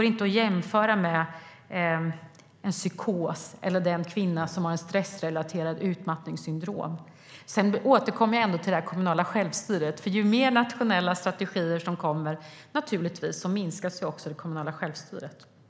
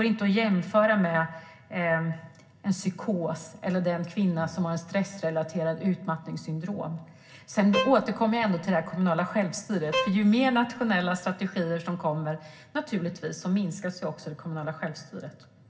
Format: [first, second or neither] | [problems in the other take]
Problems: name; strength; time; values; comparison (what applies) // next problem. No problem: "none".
first | background sound (Bowed string instrument); 7 dB below the speech // room echo; dies away in 0.4 s